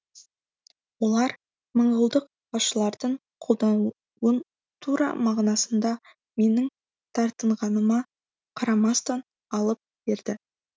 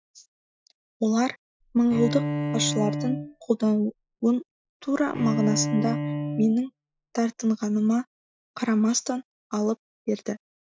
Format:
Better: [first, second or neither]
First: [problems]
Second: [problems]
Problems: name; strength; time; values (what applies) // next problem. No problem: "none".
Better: first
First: none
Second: noise reduction (classical method Wiener filter)